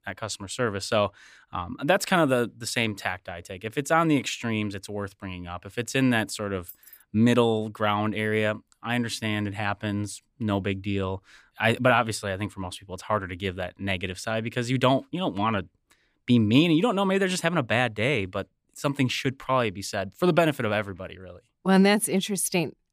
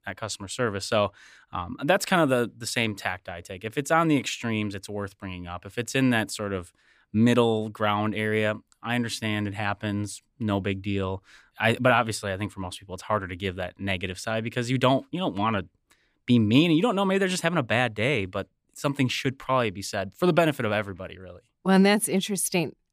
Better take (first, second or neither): second